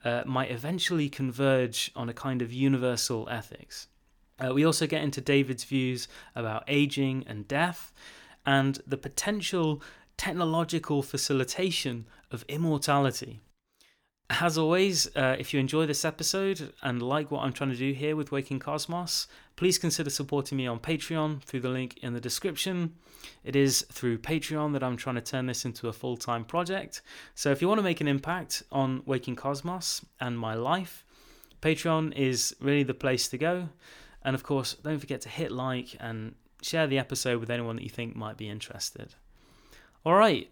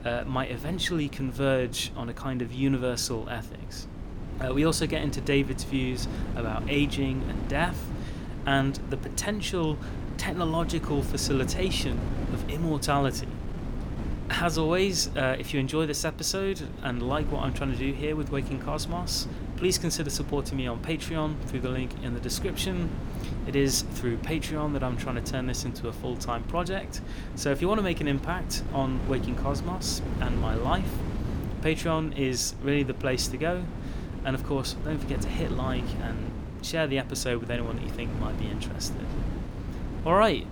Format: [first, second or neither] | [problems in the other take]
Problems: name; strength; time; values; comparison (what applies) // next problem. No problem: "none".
first | wind noise on the microphone; occasional gusts; 10 dB below the speech